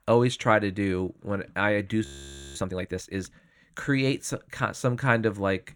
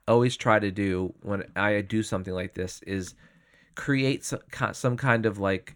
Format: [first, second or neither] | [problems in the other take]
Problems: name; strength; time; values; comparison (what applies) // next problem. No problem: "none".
second | audio freezing; at 2 s for 0.5 s